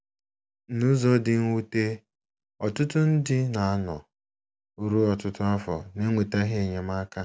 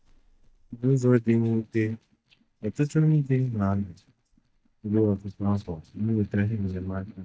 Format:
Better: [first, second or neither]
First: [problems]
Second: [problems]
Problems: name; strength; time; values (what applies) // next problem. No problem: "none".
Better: first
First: none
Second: noise reduction (neural mask model DeepFilterNet 3)